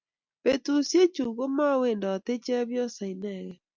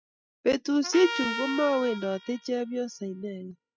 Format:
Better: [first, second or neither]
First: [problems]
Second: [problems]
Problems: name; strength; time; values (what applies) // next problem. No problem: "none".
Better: first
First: none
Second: noise reduction (classical method spectral subtraction)